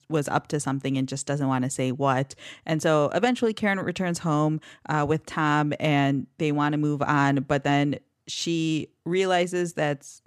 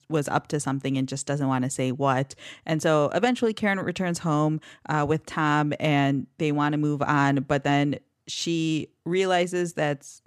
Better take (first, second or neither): neither